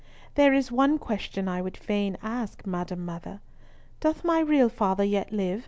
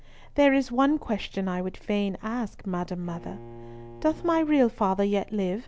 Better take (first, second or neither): first